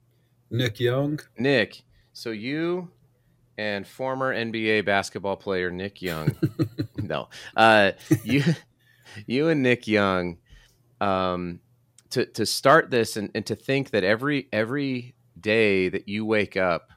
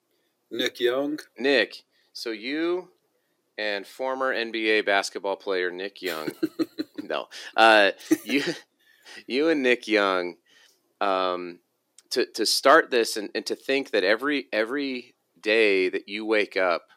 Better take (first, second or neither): first